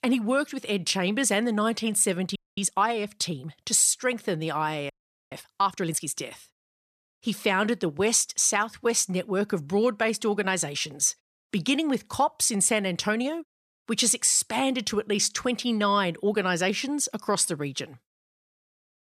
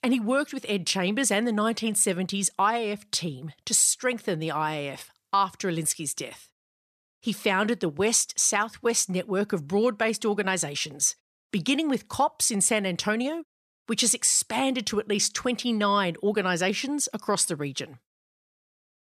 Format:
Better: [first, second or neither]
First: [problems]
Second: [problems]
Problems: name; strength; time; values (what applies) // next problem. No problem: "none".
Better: second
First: audio freezing; at 2.5 s and at 5 s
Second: none